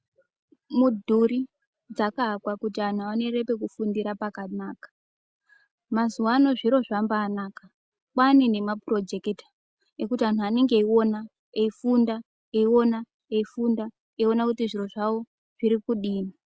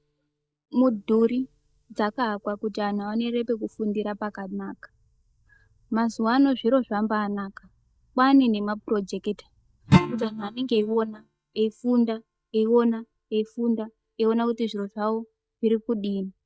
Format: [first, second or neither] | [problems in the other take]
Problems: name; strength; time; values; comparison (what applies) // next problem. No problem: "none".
first | noise reduction (neural mask model DeepFilterNet 3)